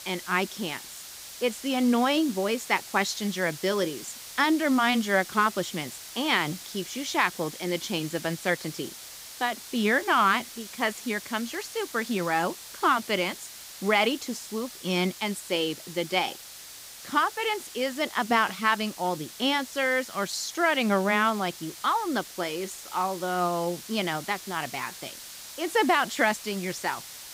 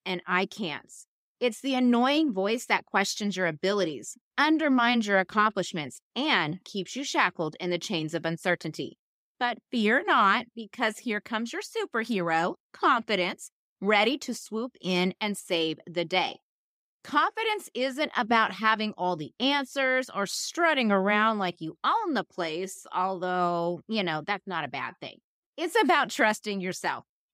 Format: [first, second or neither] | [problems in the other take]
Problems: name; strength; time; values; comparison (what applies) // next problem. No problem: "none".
second | hiss; noticeable; throughout; 15 dB below the speech